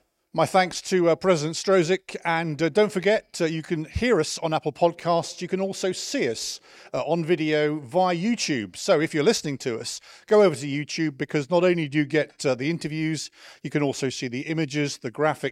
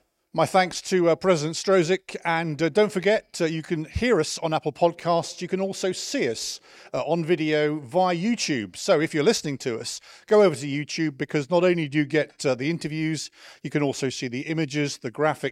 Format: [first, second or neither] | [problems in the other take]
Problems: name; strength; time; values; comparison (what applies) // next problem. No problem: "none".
neither | none